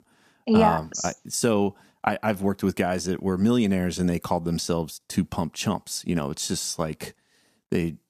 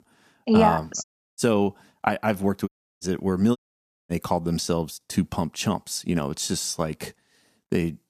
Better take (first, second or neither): first